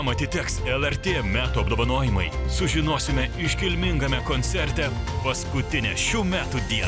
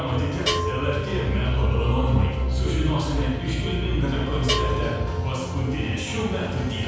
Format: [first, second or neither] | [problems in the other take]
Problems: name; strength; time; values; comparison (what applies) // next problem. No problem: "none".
first | background sound (Bell); 12 dB below the speech // room echo; dies away in 1.2 s